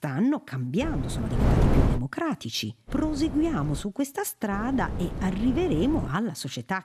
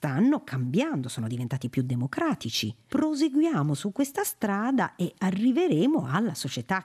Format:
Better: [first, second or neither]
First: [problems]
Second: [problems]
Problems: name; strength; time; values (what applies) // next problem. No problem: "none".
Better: second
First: wind noise on the microphone; heavy; from 1 to 2 s, at 3 s and from 4.5 to 6 s; 5 dB below the speech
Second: none